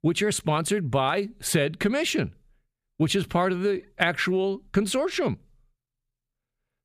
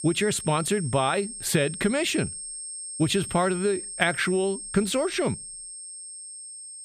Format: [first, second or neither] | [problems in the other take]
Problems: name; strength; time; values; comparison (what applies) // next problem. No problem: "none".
first | high-pitched whine; loud; throughout; 8.5 kHz, 9 dB below the speech